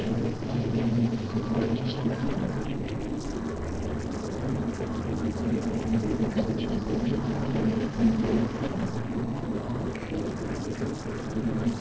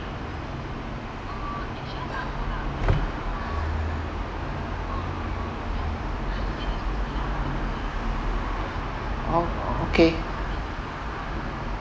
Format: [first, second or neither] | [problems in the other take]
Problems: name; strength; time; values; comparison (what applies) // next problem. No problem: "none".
second | noise reduction (neural separator model SepFormer DNS4)